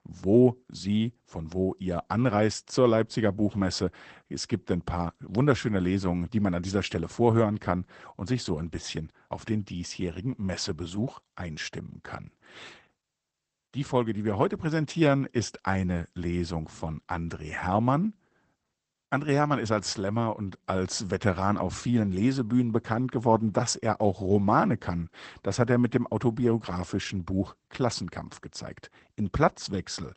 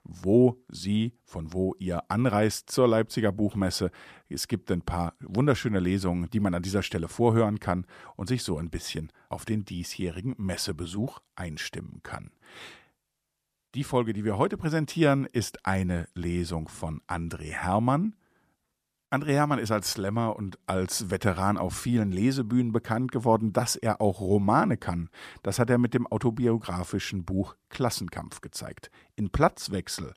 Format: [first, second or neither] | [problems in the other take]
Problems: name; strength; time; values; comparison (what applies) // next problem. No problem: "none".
second | garbled, watery; badly; nothing above 8 kHz